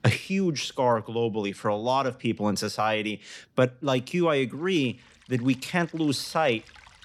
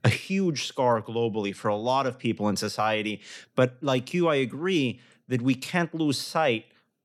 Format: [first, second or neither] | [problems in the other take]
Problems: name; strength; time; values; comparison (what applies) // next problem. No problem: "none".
second | rain or running water; faint; throughout; 30 dB below the speech